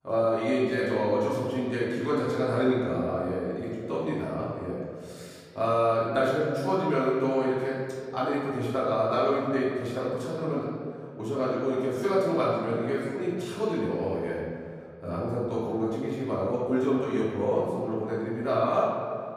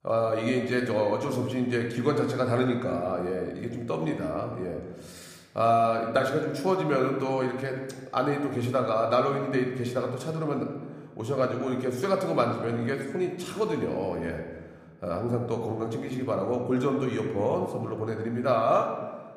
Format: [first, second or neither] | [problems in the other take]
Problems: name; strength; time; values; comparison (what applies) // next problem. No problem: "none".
second | room echo; strong; dies away in 2 s; slight in the second // off-mic speech; far